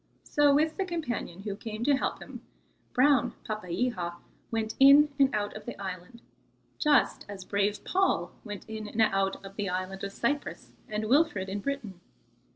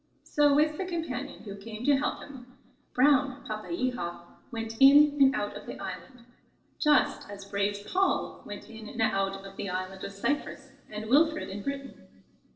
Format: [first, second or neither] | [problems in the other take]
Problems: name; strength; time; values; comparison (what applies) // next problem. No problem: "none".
first | room echo; dies away in 0.9 s